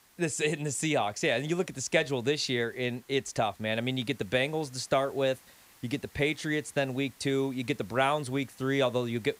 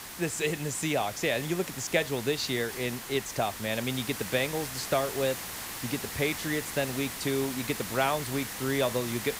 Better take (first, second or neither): first